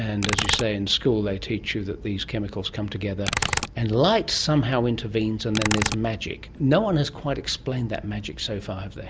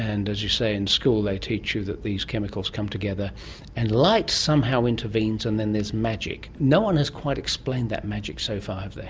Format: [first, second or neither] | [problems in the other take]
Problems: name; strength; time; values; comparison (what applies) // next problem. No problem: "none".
second | background sound (Computer keyboard); 6 dB below the speech